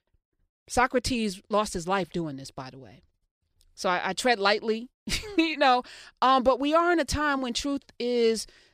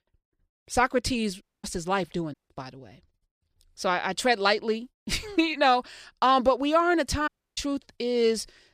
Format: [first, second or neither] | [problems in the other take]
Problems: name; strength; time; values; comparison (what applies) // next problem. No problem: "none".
first | audio cutting out; at 1.5 s, at 2.5 s and at 7.5 s